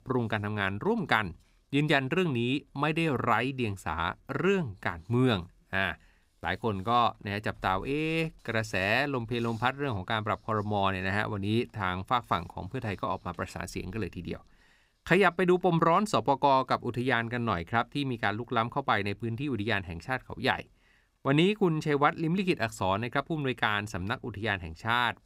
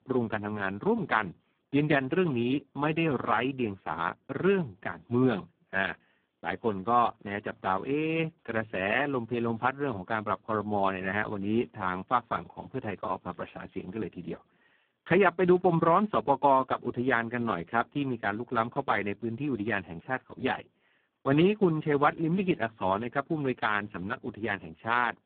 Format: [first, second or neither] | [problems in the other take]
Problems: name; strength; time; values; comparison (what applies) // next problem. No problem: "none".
first | phone-call audio; poor line